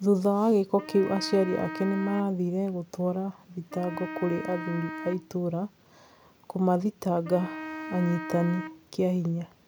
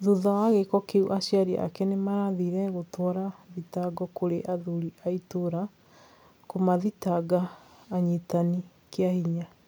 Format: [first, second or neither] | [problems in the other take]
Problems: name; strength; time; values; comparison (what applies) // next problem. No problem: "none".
second | background sound (Wind instrument, woodwind instrument); 12 dB below the speech